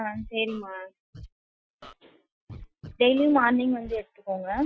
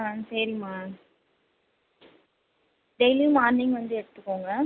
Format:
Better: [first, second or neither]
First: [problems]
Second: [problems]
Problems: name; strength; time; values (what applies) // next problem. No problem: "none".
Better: second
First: noise reduction (classical method Wiener filter)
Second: none